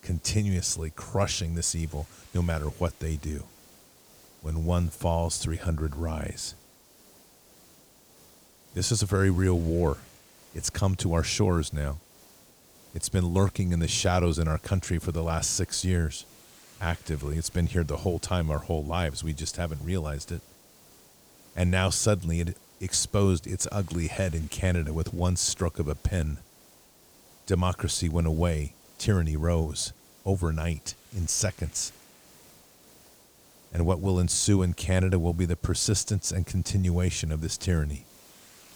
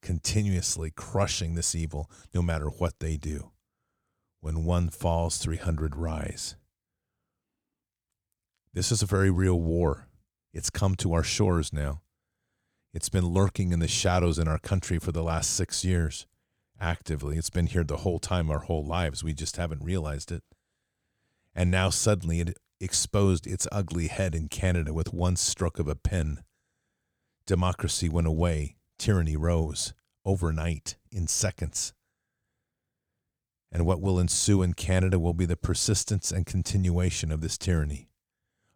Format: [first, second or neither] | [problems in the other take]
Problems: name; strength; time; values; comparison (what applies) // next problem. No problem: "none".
second | hiss; faint; throughout; 25 dB below the speech